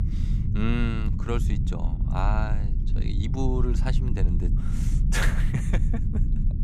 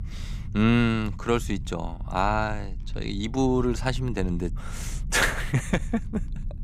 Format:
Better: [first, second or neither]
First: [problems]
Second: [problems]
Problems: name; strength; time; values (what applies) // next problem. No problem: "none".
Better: second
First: low rumble; loud; throughout; 7 dB below the speech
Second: low rumble; faint; throughout; 25 dB below the speech